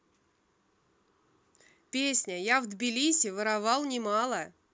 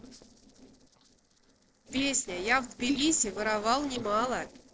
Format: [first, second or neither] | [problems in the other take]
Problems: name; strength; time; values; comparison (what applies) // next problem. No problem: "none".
first | noise reduction (neural separator model SepFormer DNS4)